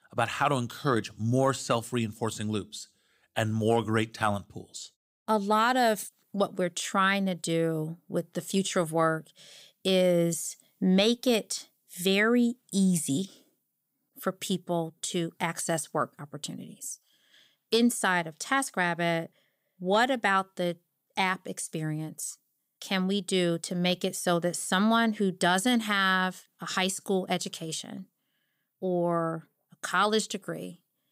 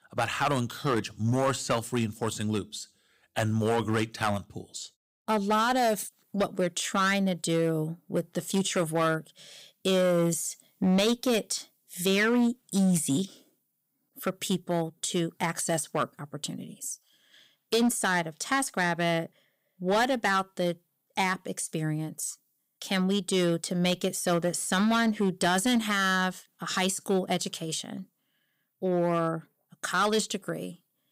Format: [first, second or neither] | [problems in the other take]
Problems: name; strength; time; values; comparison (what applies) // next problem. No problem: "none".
first | distortion; slight; 6% of the sound clipped